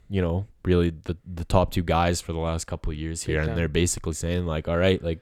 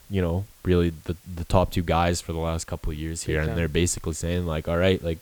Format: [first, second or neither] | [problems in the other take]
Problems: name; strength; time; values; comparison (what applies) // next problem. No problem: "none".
first | hiss; faint; throughout; 25 dB below the speech